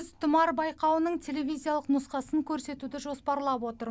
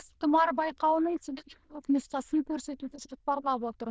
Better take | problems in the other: first | noise reduction (neural diffusion model UNIVERSE++)

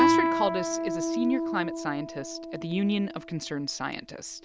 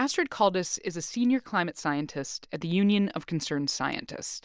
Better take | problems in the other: second | background sound (Guitar); 2 dB above the speech

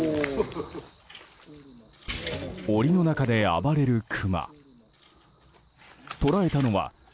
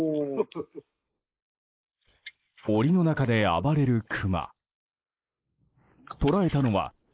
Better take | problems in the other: first | noise reduction (neural mask model Resemble Enhance denoiser)

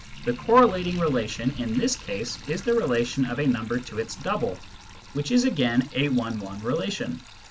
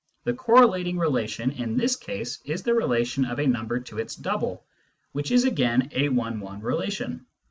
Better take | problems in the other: second | background sound (Accelerating, revving, vroom + Sink (filling or washing)); 16 dB below the speech

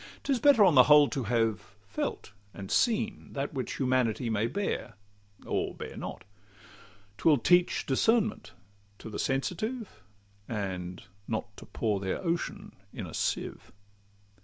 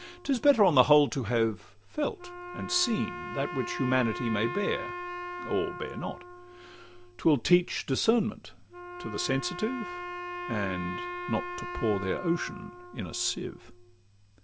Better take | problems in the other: first | background sound (Wind instrument, woodwind instrument); 10 dB below the speech

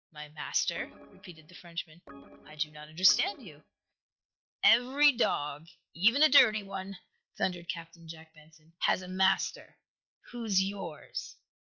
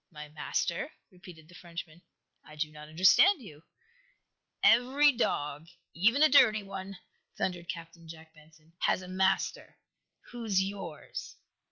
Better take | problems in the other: second | noise reduction (neural mask model DeepFilterNet 3)

